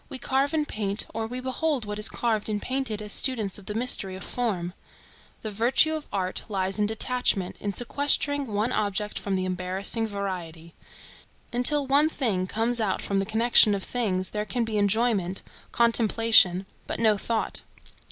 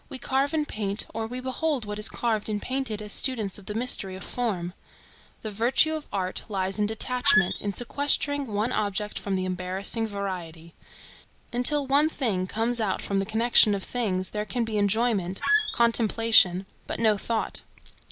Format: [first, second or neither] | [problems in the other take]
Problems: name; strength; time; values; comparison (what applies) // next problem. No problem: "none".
first | background sound (Squeak); as loud as the speech